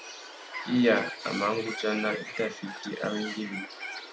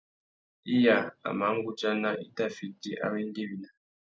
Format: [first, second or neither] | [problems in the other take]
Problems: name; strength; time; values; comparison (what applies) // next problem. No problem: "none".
second | background sound (Bird); 9 dB below the speech